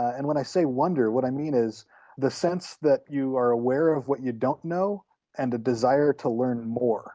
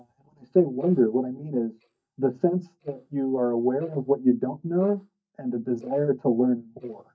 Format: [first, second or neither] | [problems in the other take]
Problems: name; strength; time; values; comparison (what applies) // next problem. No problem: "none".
first | noise reduction (neural mask model DeepFilterNet 3)